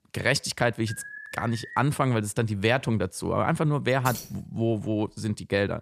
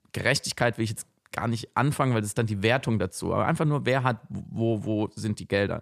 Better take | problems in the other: second | alarm; faint; at 1 s; peak 15 dB below the speech // jangling keys; noticeable; at 4 s; peak 9 dB below the speech

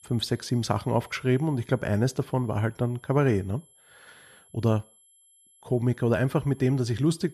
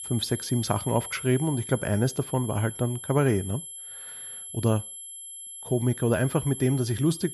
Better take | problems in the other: first | high-pitched whine; loud; throughout; 11 kHz, 10 dB below the speech; faint in the first

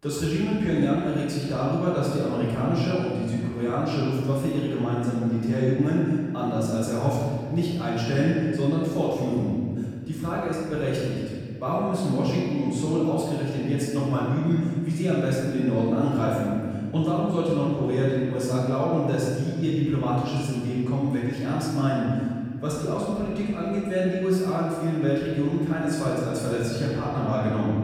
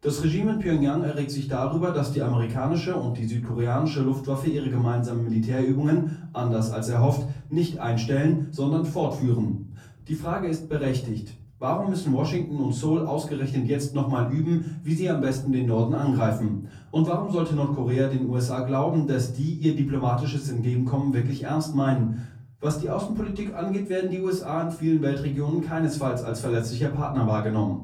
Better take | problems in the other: second | room echo; strong; dies away in 2 s; slight in the second // off-mic speech; far; far in the second

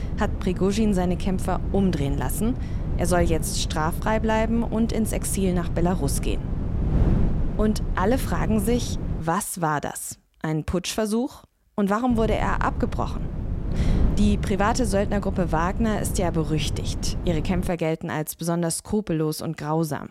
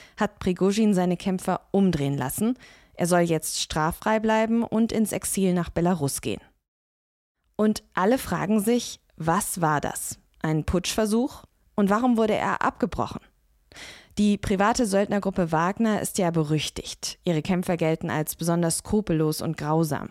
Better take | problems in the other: second | wind noise on the microphone; occasional gusts; until 9 s and from 12 to 18 s; 10 dB below the speech

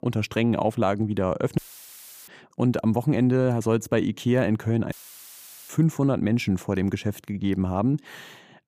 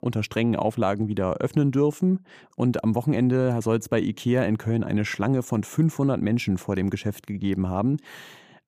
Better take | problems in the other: second | audio cutting out; filled with static; at 1.5 s for 0.5 s and at 5 s for 1 s

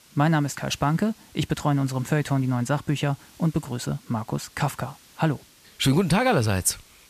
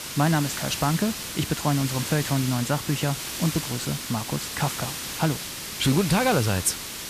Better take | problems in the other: first | hiss; loud; throughout; 5 dB below the speech; faint in the first

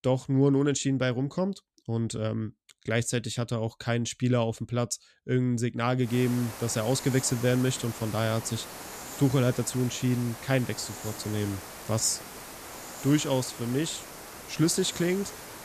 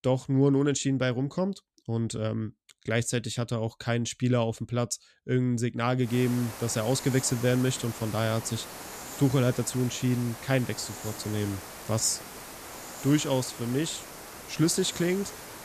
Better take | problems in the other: neither | hiss; noticeable; from 6 s on; 10 dB below the speech; the same in both

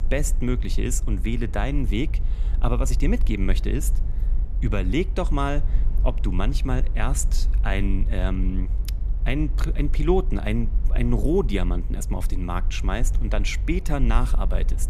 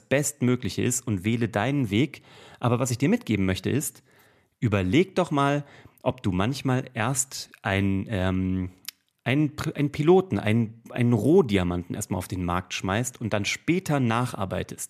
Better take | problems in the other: second | low rumble; noticeable; throughout; 15 dB below the speech

